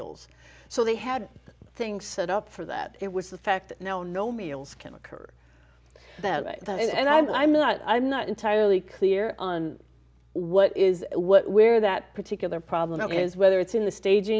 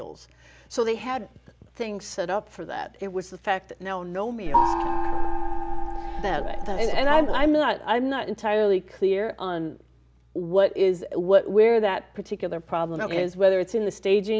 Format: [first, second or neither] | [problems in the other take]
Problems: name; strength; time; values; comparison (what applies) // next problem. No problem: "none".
first | background sound (Gong); 3 dB above the speech